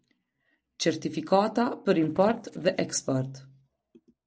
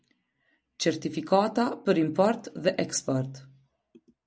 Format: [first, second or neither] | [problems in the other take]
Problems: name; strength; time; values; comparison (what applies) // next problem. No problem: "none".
second | noise reduction (neural separator model SepFormer DNS4)